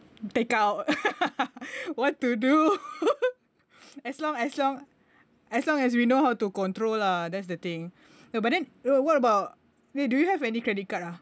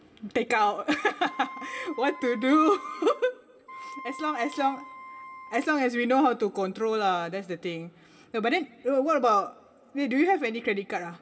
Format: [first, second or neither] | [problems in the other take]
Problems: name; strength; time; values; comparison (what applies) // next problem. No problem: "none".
first | background sound (Wind instrument, woodwind instrument); 16 dB below the speech // room echo; dies away in 0.3 s